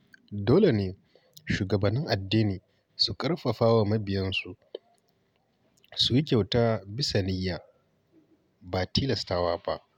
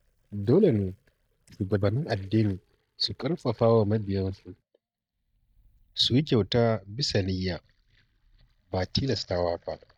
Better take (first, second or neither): first